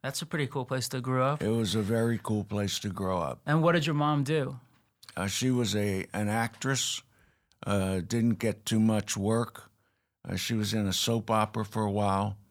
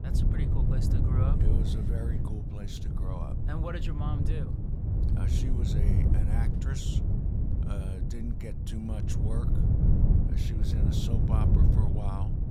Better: first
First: none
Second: wind noise on the microphone; heavy; 2 dB above the speech

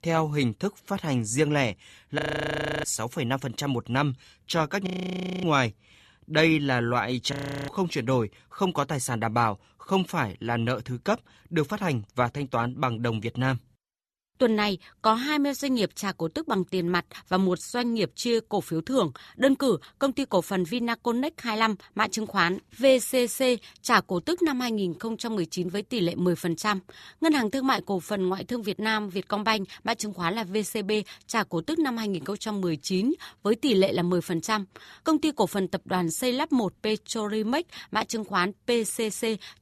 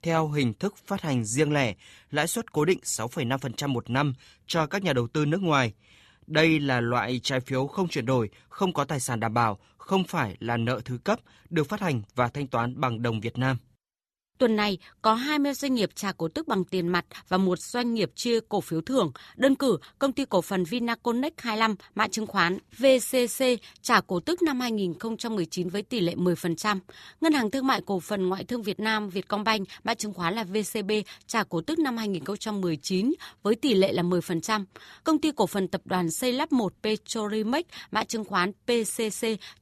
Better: second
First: audio freezing; at 2 s for 0.5 s, at 5 s for 0.5 s and at 7.5 s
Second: none

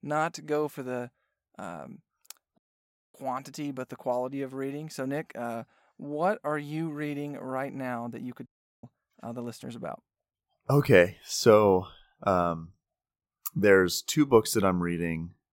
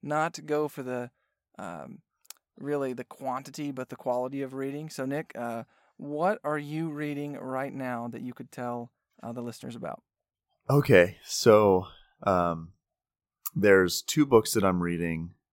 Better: second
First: audio cutting out; at 2.5 s for 0.5 s and at 8.5 s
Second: none

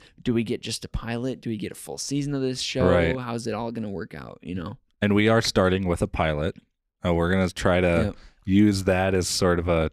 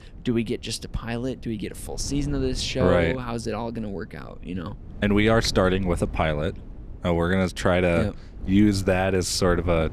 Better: first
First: none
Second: wind noise on the microphone; occasional gusts; 25 dB below the speech

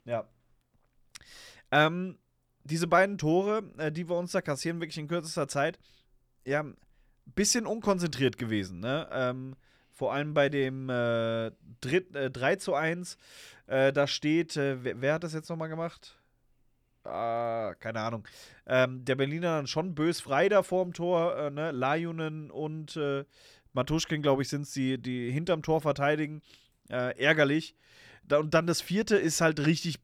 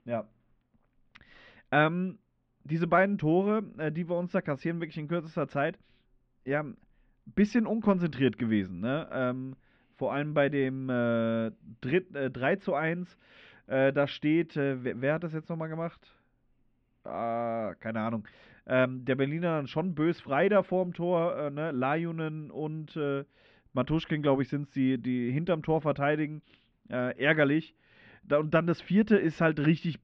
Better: first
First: none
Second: muffled; very; fading above 3 kHz

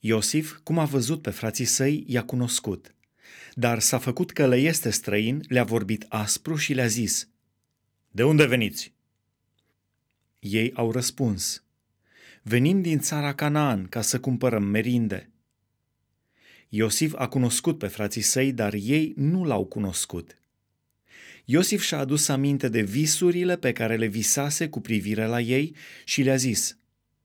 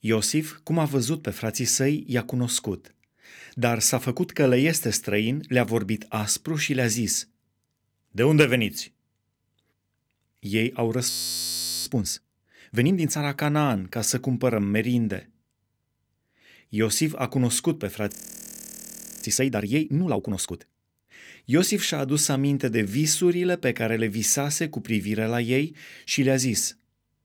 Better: first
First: none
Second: audio freezing; at 11 s for 1 s and at 18 s for 1 s

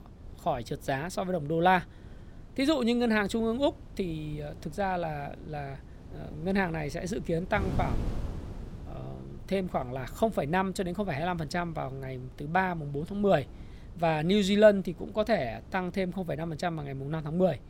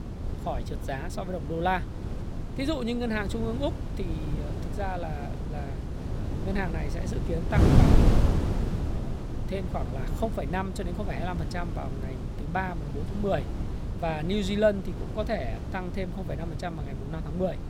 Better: first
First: wind noise on the microphone; occasional gusts; 25 dB below the speech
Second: wind noise on the microphone; heavy; 6 dB below the speech

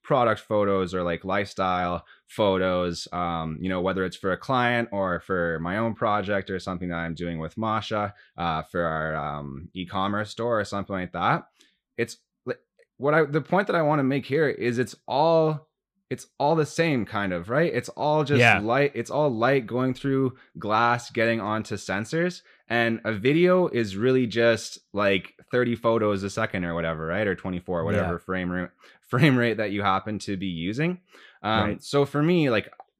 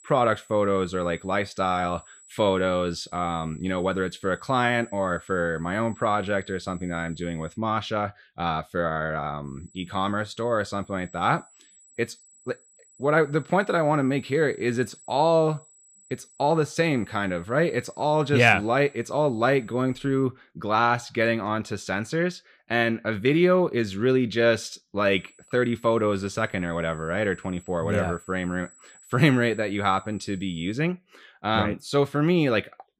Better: first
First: none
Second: high-pitched whine; faint; until 7.5 s, from 9.5 to 20 s and from 25 to 31 s; 8 kHz, 25 dB below the speech

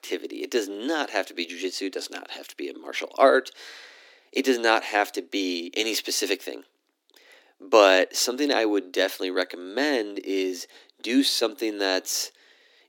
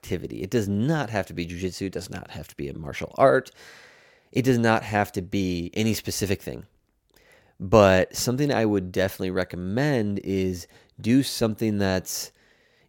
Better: second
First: thin; very slightly; fading below 250 Hz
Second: none

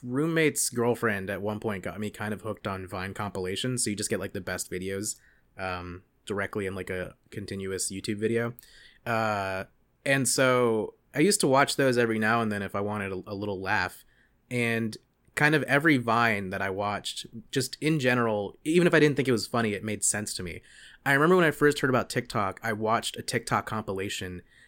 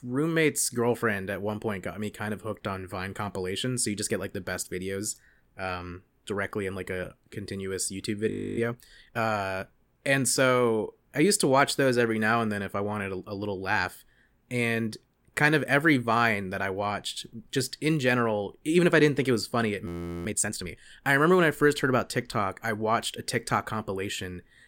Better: first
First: none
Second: audio freezing; at 8.5 s and at 20 s

